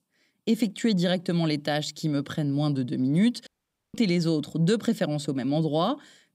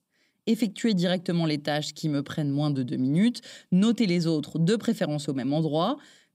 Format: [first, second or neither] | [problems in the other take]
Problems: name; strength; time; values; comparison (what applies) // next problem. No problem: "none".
second | audio cutting out; at 3.5 s